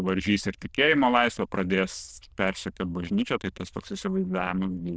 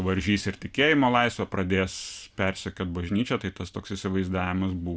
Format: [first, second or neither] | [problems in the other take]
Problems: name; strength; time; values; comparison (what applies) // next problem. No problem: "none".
second | noise reduction (neural diffusion model UNIVERSE++)